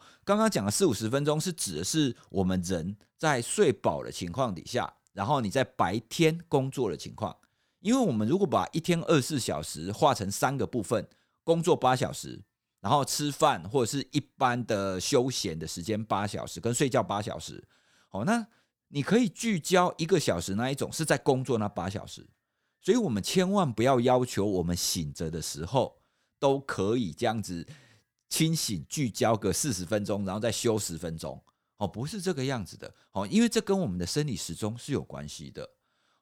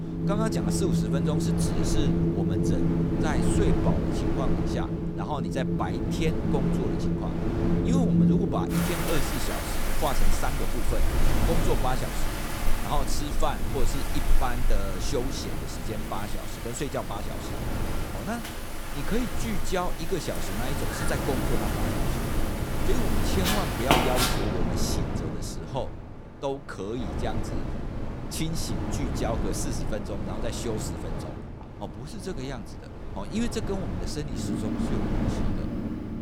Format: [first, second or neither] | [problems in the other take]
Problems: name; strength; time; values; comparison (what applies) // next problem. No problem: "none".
first | wind in the background; very loud; throughout; 4 dB above the speech